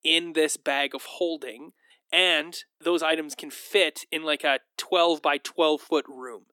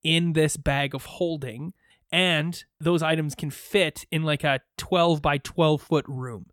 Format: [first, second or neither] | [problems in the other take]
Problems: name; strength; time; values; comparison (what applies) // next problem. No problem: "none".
second | thin; very; fading below 300 Hz